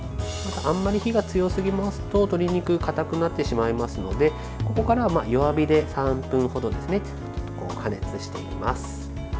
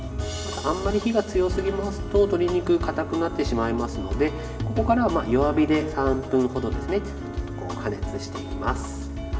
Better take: first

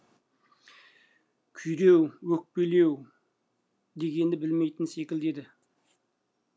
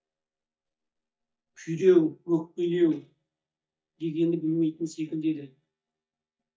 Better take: first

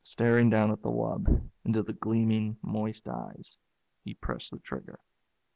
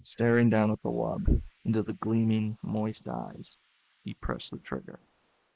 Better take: first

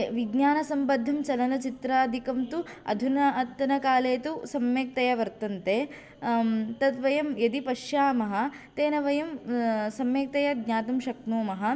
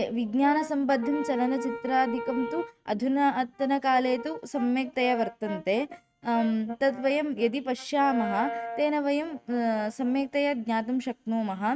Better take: first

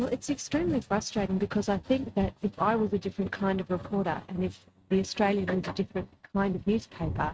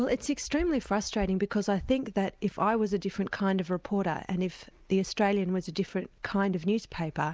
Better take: second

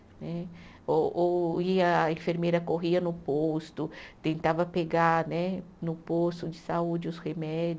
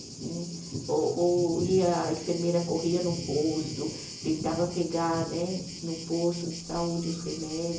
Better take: first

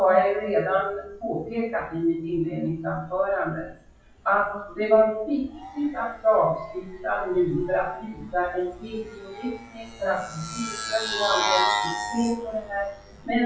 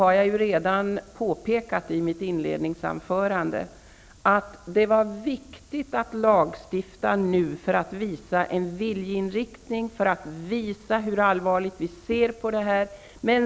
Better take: second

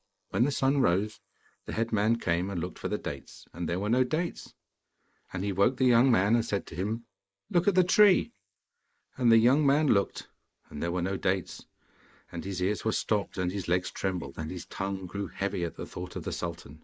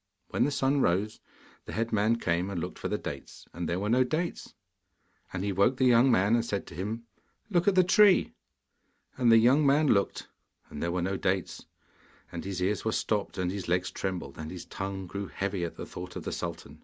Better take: second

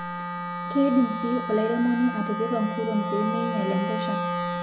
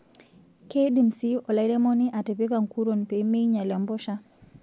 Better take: second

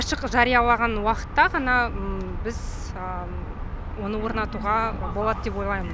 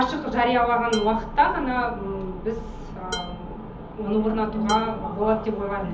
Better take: first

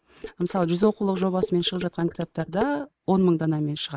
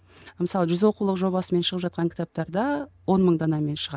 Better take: second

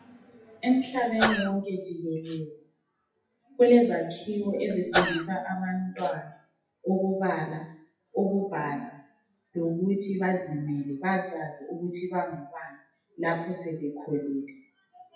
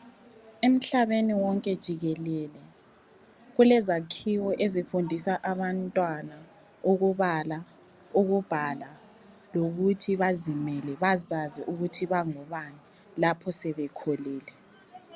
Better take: second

